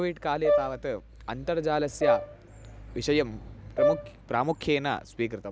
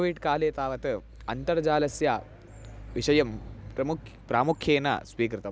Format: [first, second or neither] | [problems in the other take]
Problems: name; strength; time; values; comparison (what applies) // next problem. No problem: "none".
second | background sound (Brass instrument); as loud as the speech